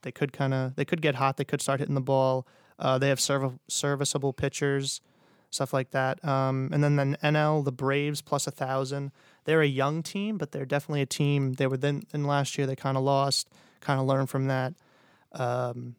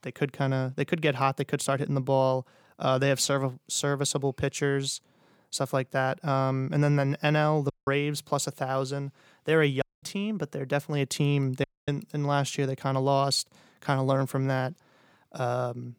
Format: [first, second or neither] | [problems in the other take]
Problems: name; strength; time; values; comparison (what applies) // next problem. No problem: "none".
first | audio cutting out; at 7.5 s, at 10 s and at 12 s